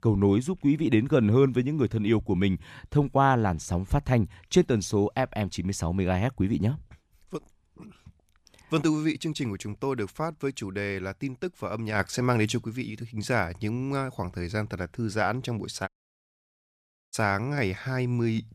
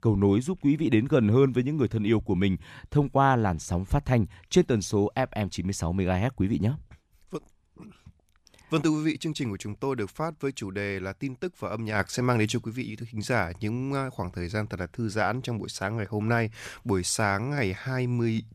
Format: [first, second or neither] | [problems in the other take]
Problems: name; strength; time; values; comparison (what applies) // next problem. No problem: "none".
second | audio cutting out; at 16 s for 1 s